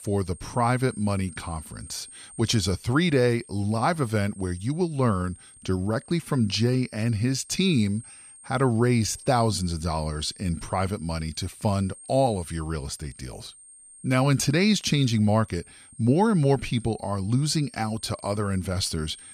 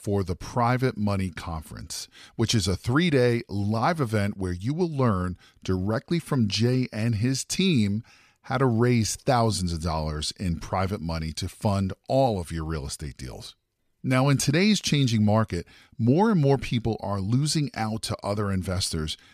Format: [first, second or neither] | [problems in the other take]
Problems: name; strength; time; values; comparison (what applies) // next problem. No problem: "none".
second | high-pitched whine; noticeable; throughout; 8.5 kHz, 20 dB below the speech